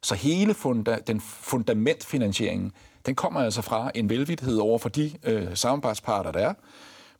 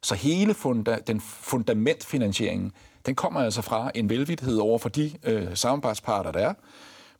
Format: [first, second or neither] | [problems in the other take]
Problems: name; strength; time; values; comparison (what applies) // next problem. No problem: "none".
neither | none